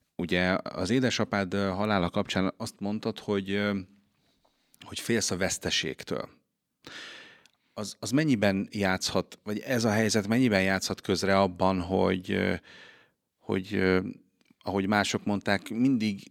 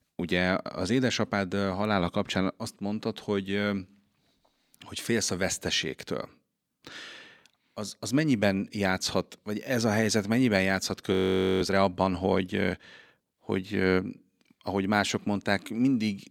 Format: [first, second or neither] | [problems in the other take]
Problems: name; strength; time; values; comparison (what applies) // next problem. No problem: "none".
first | audio freezing; at 11 s